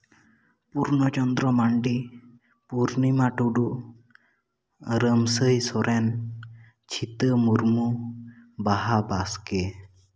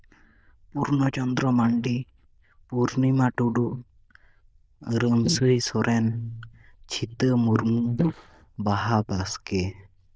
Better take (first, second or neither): first